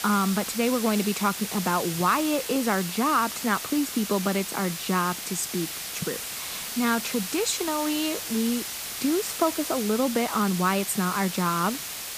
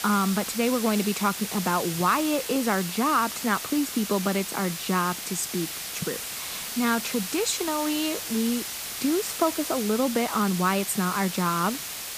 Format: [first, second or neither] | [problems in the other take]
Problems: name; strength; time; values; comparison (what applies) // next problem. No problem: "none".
neither | hiss; loud; throughout; 5 dB below the speech; the same in both